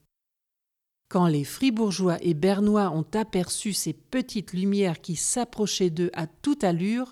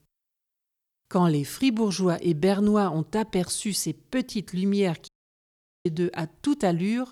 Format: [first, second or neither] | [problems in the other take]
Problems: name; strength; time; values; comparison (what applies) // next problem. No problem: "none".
first | audio cutting out; at 5 s for 1 s